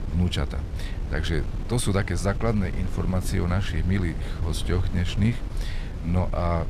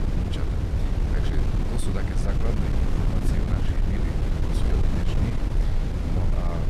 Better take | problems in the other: first | wind noise on the microphone; heavy; 5 dB above the speech; occasional gusts in the first

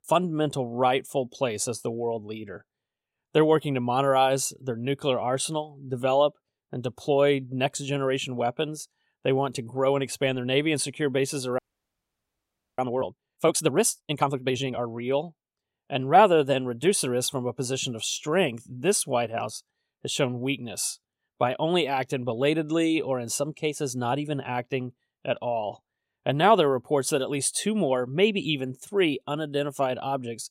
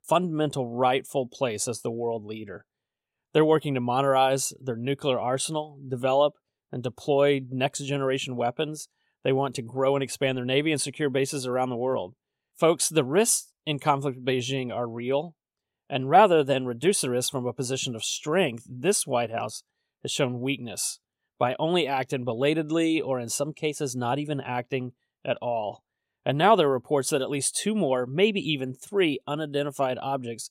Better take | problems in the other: second | audio freezing; at 12 s for 1 s

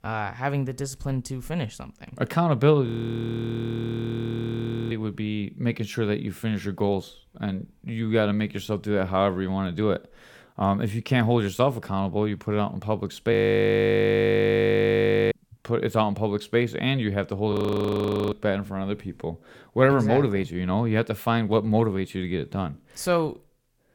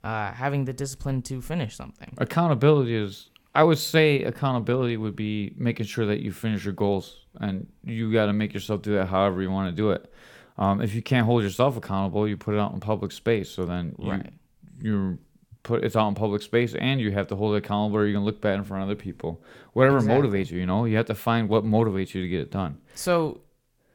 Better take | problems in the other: second | audio freezing; at 3 s for 2 s, at 13 s for 2 s and at 18 s for 1 s

